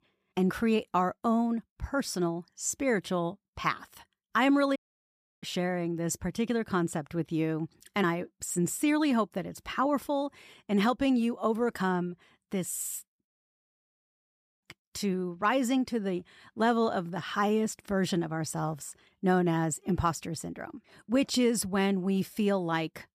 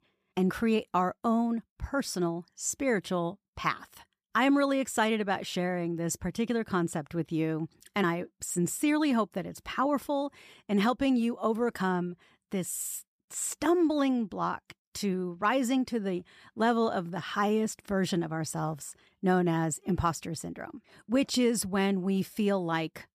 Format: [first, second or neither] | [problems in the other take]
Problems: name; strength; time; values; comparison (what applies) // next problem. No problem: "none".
second | audio cutting out; at 5 s for 0.5 s and at 13 s for 1.5 s